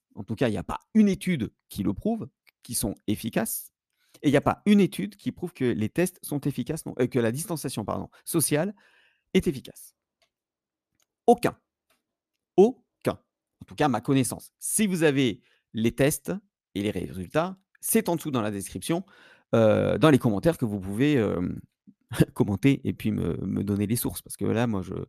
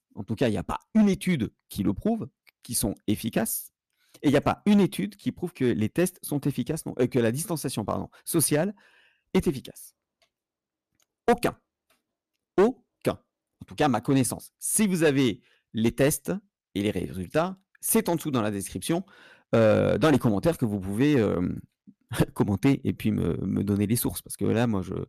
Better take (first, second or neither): first